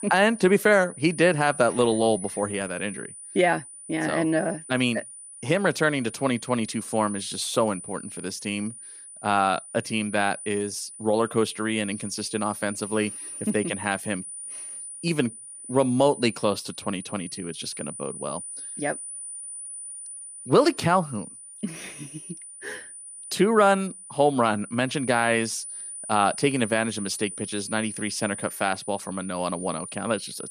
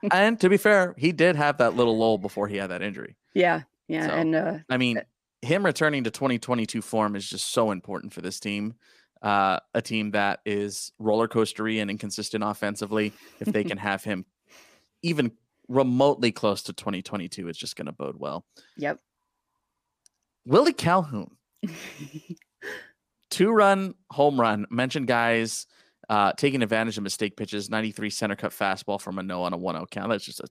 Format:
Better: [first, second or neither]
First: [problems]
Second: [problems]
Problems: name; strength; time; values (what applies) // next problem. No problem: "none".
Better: second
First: high-pitched whine; noticeable; throughout; 9.5 kHz, 10 dB below the speech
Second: none